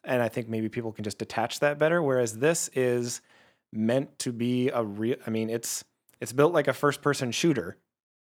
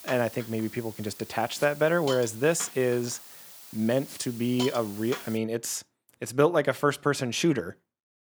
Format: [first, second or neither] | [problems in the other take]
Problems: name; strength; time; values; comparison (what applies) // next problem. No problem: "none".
first | hiss; noticeable; until 5.5 s; 15 dB below the speech